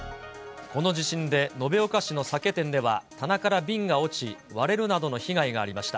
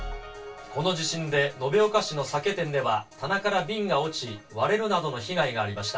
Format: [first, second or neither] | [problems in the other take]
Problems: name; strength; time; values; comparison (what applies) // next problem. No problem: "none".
first | room echo; dies away in 0.2 s